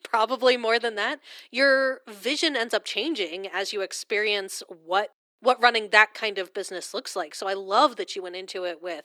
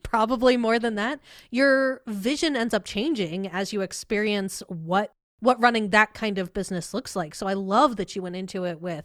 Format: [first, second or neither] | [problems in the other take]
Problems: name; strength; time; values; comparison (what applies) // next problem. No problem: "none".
second | thin; somewhat; fading below 300 Hz